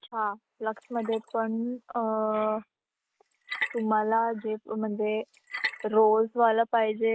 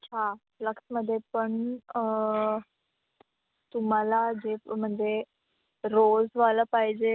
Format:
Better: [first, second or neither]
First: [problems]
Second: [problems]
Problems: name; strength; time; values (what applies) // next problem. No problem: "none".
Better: second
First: noise reduction (neural mask model Resemble Enhance denoiser)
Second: none